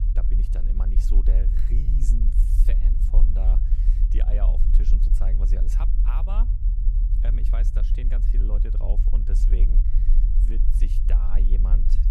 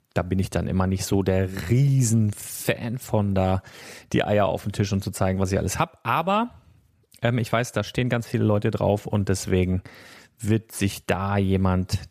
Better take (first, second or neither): second